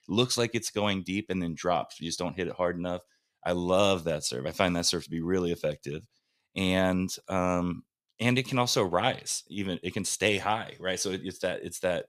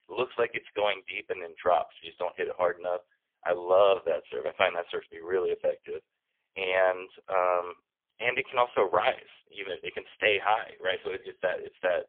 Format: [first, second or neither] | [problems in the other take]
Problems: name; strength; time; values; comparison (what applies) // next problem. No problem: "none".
first | phone-call audio; poor line; nothing above 3.5 kHz